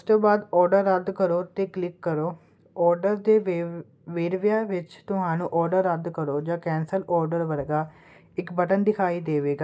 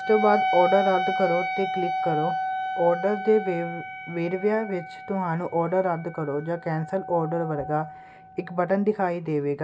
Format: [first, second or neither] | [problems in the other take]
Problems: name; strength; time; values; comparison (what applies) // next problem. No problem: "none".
first | background sound (Wind instrument, woodwind instrument); 5 dB below the speech